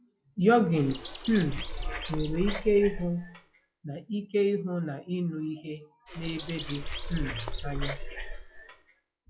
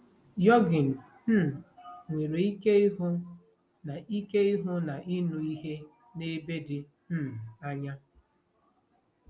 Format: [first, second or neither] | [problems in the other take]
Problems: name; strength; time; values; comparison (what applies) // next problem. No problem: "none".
second | noise reduction (classical method log-MMSE)